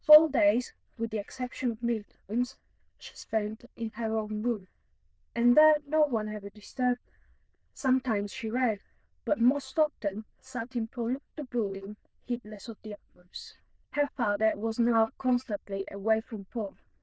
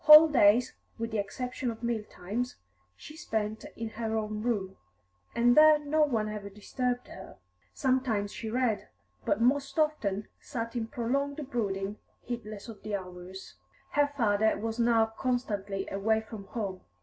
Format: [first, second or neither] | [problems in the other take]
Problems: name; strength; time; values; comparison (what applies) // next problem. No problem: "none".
second | noise reduction (neural diffusion model UNIVERSE++)